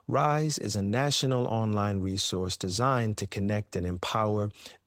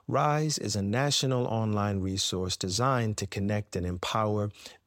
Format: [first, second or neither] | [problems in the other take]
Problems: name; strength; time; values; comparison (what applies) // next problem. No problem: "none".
second | garbled, watery; slightly; nothing above 16 kHz